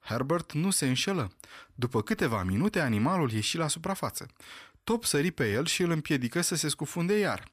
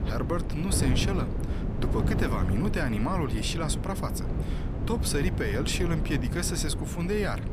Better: first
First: none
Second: wind noise on the microphone; heavy; 7 dB below the speech

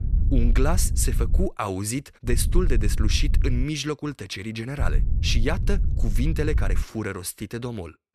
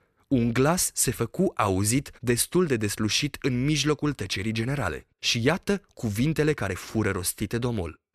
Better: second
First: wind noise on the microphone; occasional gusts; until 1.5 s, from 2.5 to 3.5 s and from 5 to 7 s; 15 dB below the speech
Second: none

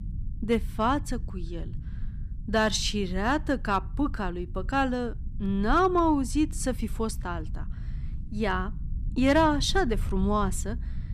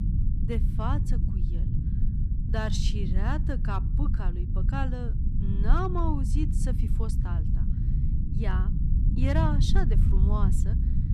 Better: first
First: low rumble; faint; throughout; 25 dB below the speech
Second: low rumble; loud; throughout; 6 dB below the speech

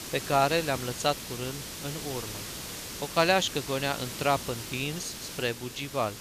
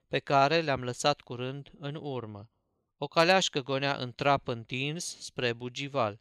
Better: second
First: hiss; loud; throughout; 8 dB below the speech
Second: none

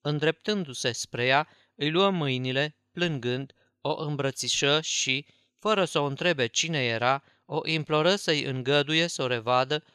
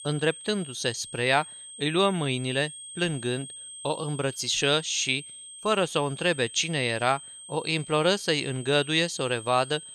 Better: first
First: none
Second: high-pitched whine; noticeable; throughout; 8.5 kHz, 15 dB below the speech

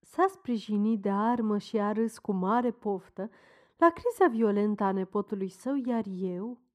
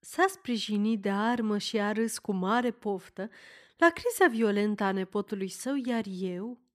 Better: second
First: muffled; slightly; fading above 1.5 kHz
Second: none

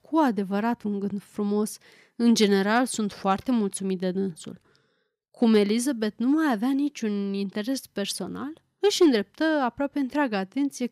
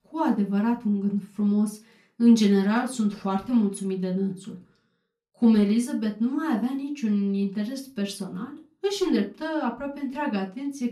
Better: first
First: none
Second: off-mic speech; far // room echo; very slight; dies away in 0.3 s

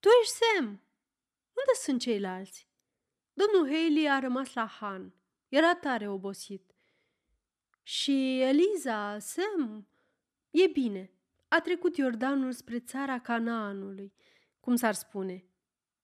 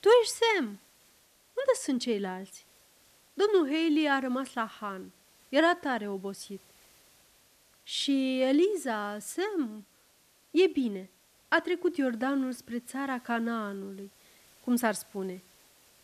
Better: first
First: none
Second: hiss; faint; throughout; 30 dB below the speech

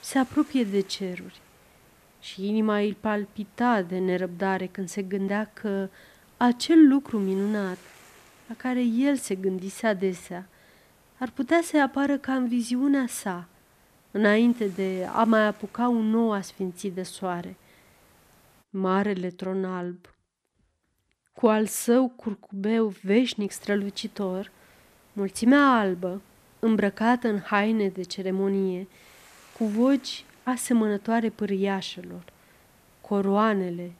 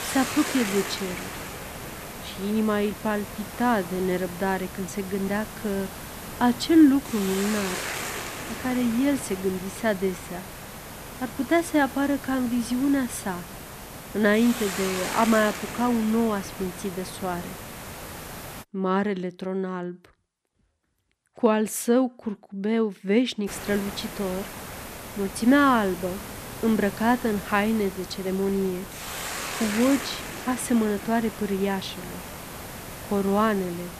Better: first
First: hiss; faint; until 19 s and from 23 s on; 30 dB below the speech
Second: hiss; loud; until 19 s and from 23 s on; 10 dB below the speech

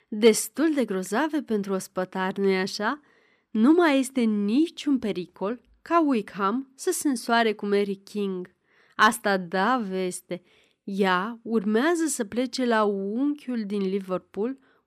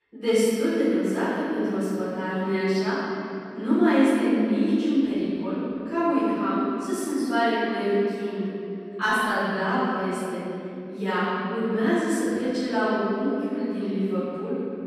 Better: first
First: none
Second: off-mic speech; far // room echo; strong; dies away in 3 s

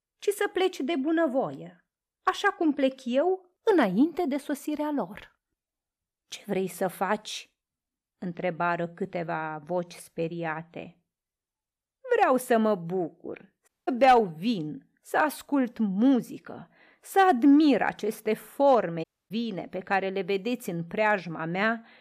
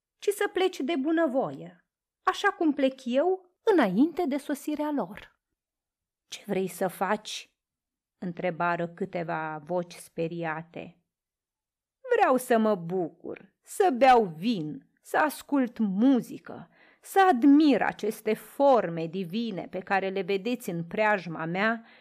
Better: second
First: audio cutting out; at 14 s and at 19 s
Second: none

